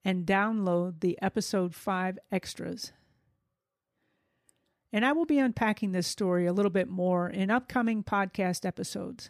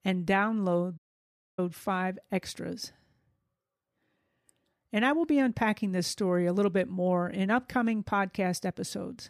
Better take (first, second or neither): first